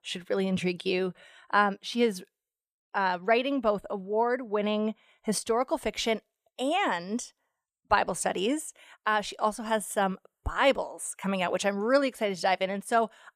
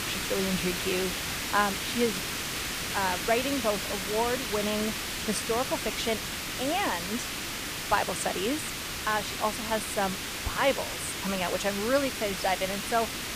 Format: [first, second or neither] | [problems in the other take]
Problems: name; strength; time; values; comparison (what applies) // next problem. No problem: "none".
first | hiss; loud; throughout; 1 dB below the speech